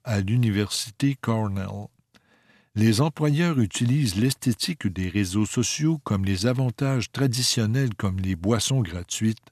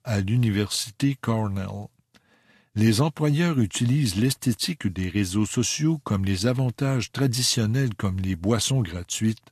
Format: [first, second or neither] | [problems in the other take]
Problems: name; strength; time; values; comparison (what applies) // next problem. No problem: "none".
first | garbled, watery; slightly; nothing above 13.5 kHz